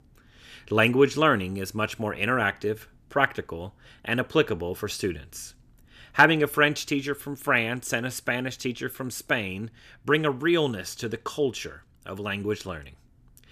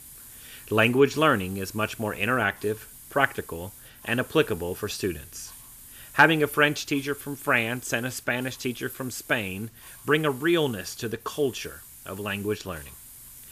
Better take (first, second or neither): first